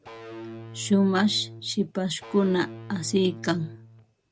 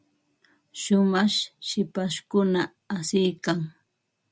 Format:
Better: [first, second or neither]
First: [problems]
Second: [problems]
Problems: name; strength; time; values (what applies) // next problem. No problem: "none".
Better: second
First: background sound (Electric guitar / Bass guitar); 15 dB below the speech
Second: none